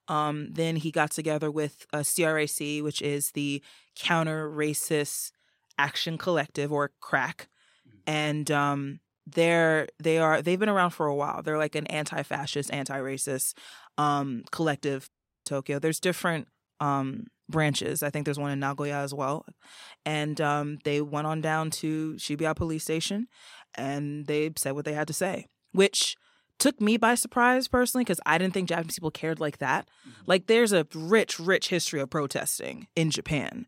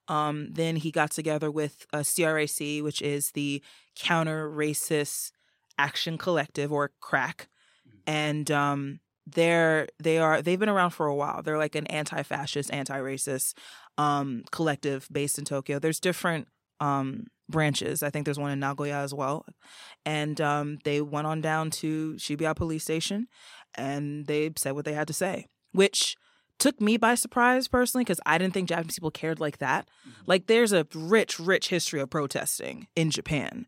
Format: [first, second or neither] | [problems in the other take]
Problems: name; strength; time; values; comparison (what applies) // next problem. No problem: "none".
second | audio cutting out; at 15 s